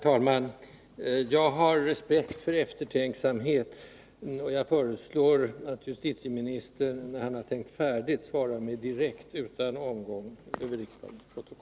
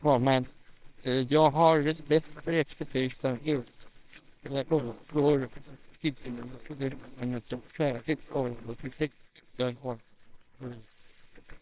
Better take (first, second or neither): first